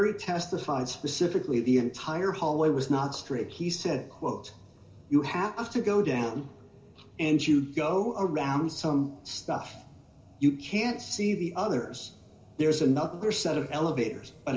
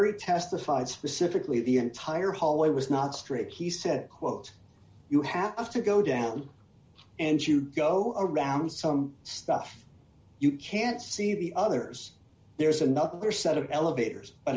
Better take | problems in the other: second | room echo; dies away in 2.1 s

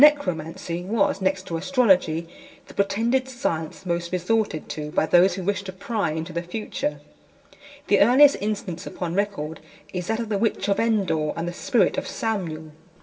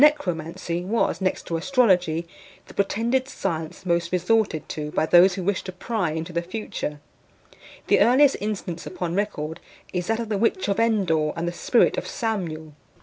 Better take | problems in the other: second | room echo; dies away in 0.7 s

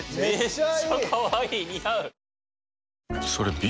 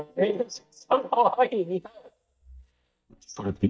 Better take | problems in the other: first | noise reduction (neural mask model DeepFilterNet 3)

